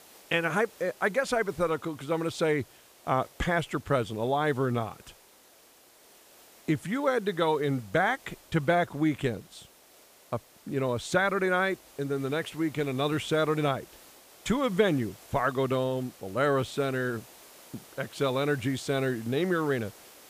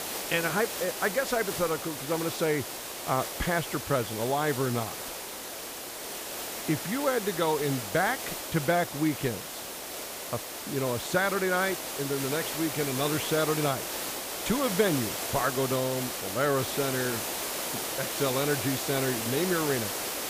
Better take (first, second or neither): first